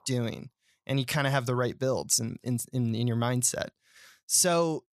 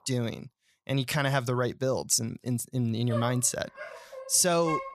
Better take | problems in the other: first | dog barking; noticeable; from 3 s on; peak 6 dB below the speech

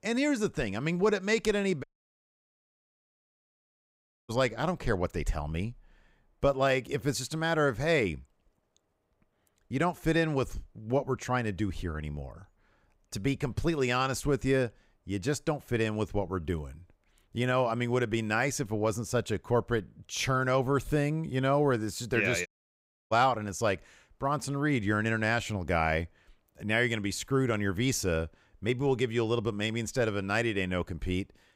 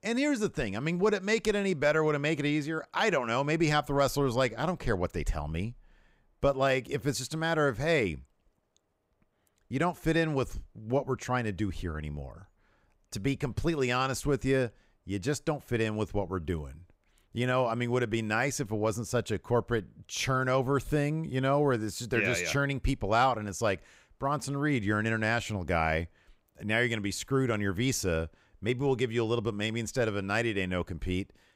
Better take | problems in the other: second | audio cutting out; at 2 s for 2.5 s and at 22 s for 0.5 s

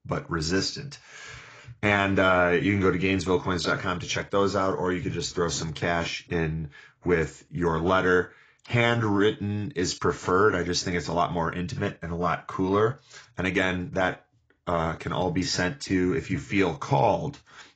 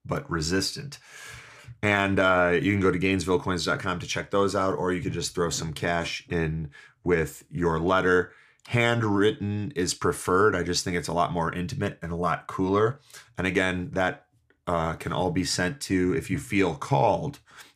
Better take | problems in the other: second | garbled, watery; badly; nothing above 7.5 kHz

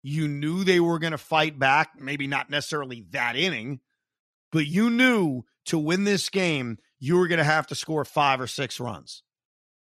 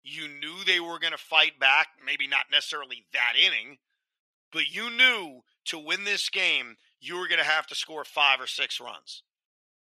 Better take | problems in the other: first | thin; very; fading below 600 Hz

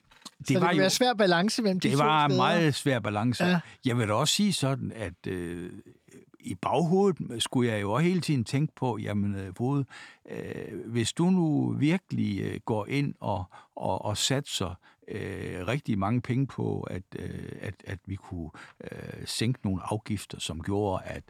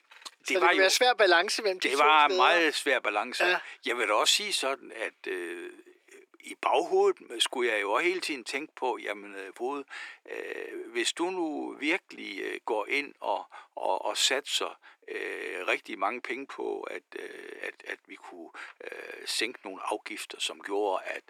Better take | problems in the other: first | thin; very; fading below 350 Hz

